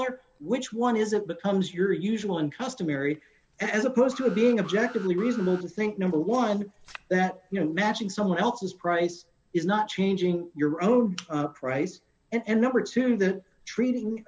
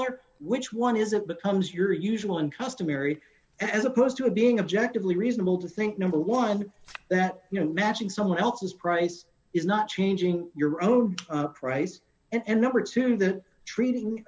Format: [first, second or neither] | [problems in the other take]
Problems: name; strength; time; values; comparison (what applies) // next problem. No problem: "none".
second | background sound (Alarm); 18 dB below the speech